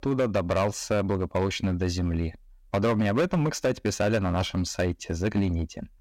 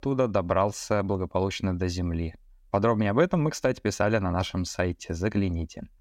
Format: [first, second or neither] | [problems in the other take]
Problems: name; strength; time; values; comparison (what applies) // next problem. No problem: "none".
second | distortion; slight; 8% of the sound clipped